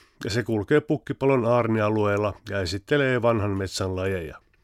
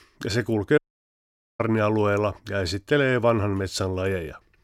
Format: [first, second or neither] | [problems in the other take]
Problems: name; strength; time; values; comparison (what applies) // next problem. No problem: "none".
first | audio cutting out; at 1 s for 1 s